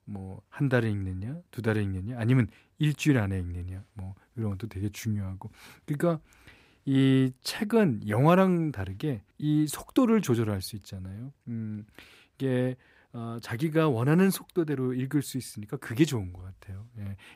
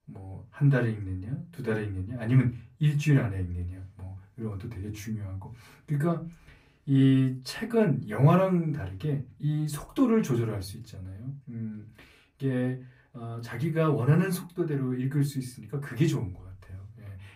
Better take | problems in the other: first | off-mic speech; far // room echo; very slight; dies away in 0.2 s

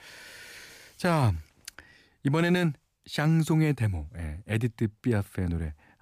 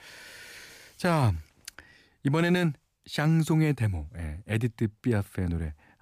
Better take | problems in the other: neither | none

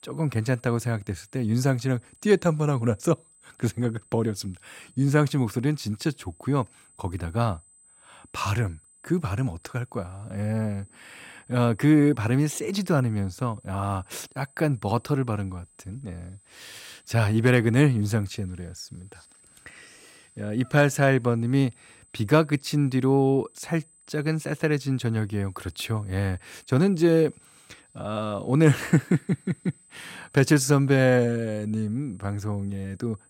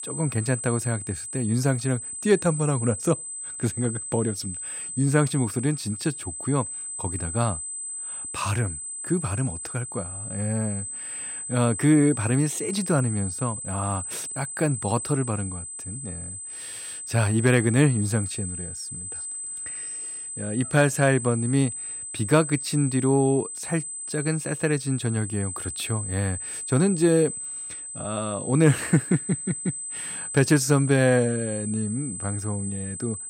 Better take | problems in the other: first | high-pitched whine; loud; throughout; 8 kHz, 7 dB below the speech; faint in the first

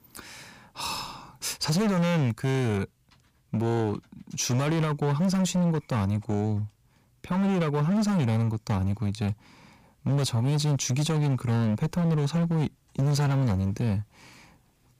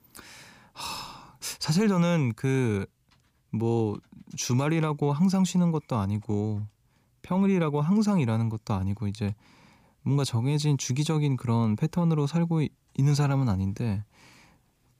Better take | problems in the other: second | distortion; slight; 19% of the sound clipped

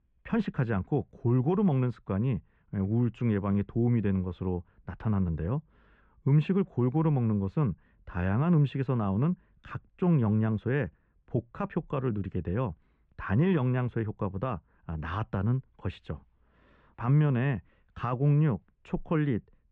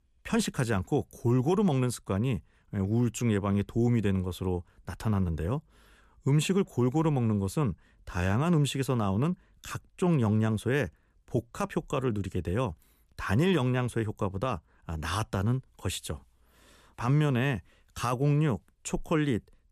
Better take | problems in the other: second | muffled; very; fading above 2.5 kHz

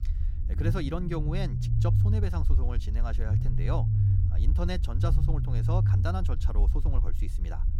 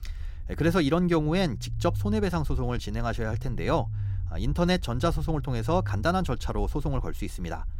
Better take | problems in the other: second | low rumble; loud; throughout; 4 dB below the speech; faint in the second

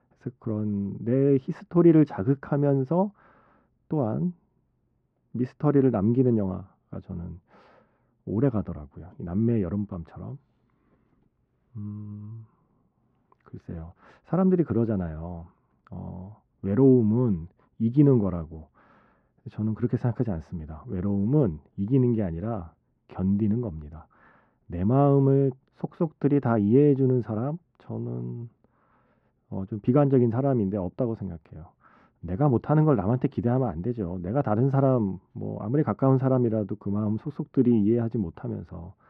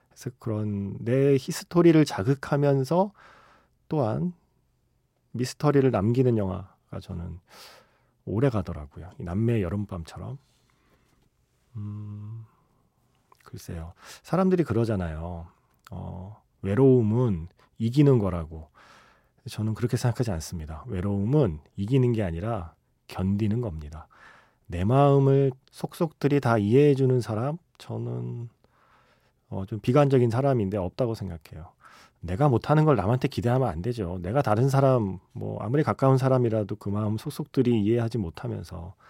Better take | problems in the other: second | muffled; very; fading above 1.5 kHz

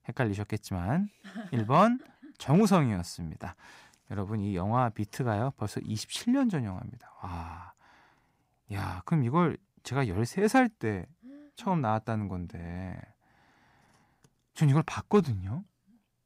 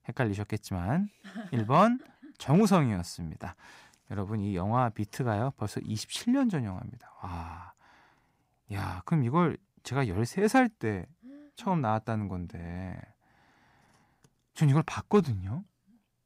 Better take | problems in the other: neither | none

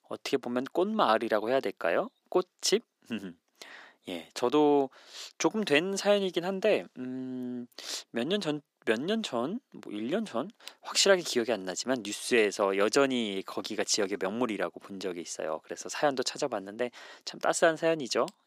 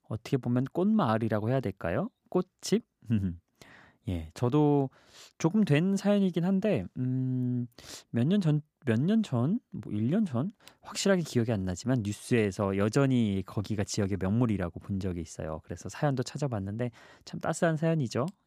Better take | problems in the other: second | thin; somewhat; fading below 350 Hz

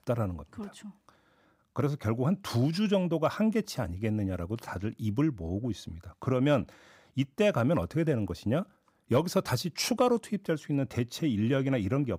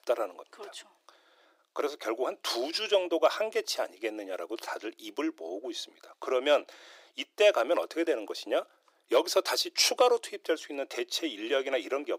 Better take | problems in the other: first | thin; very; fading below 350 Hz

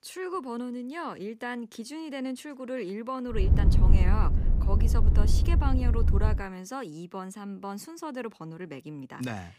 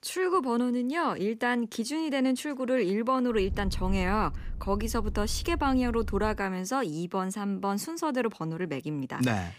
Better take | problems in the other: second | low rumble; loud; from 3.5 to 6.5 s; 4 dB below the speech; faint in the second

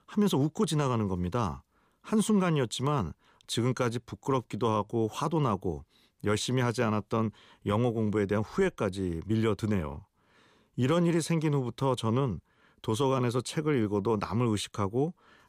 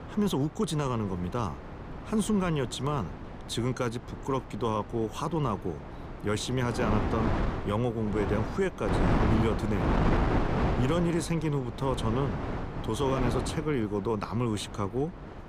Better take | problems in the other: first | wind noise on the microphone; heavy; 3 dB below the speech

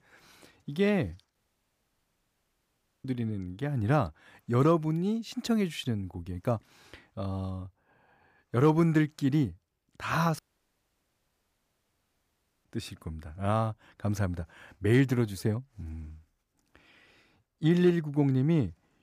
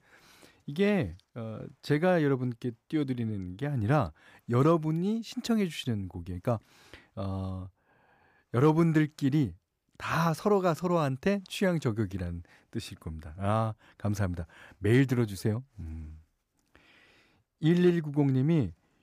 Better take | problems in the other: second | audio cutting out; at 1.5 s for 1.5 s and at 10 s for 2.5 s

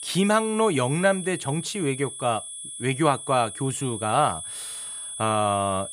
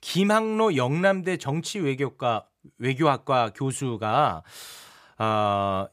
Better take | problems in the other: second | high-pitched whine; loud; throughout; 10 kHz, 9 dB below the speech

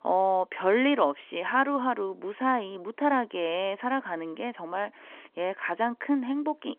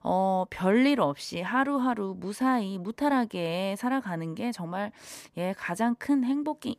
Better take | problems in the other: second | phone-call audio; nothing above 3 kHz

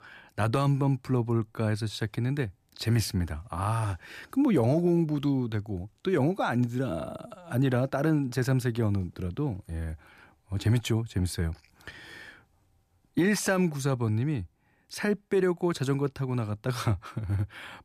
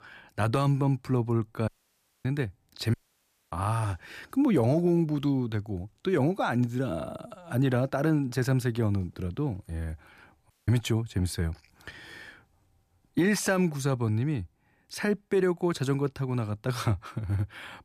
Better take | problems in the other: first | audio cutting out; at 1.5 s for 0.5 s, at 3 s for 0.5 s and at 11 s

